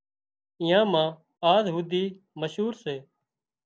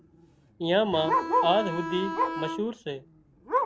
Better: first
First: none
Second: background sound (Bowed string instrument + Bark); 1 dB below the speech

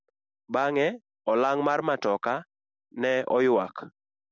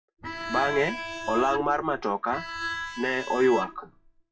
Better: first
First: none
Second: noise reduction (classical method WPE with log-MMSE)

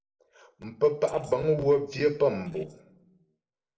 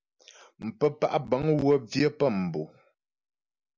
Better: second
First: noise reduction (neural separator model SepFormer DNS4)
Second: none

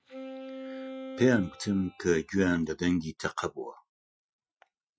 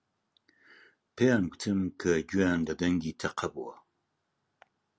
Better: second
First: noise reduction (classical method Wiener filter)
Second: none

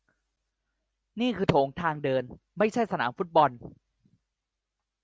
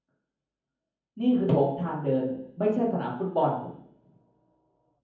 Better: first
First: none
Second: room echo; dies away in 0.7 s

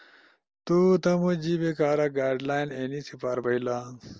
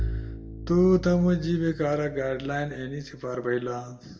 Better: first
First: none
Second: background sound (Bowed string instrument); 11 dB below the speech // room echo; dies away in 0.8 s

